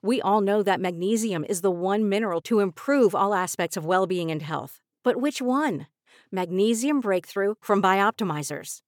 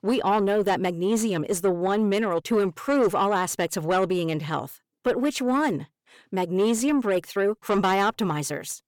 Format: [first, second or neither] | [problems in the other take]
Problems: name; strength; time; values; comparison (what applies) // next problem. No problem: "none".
first | distortion; slight; 10 dB below the speech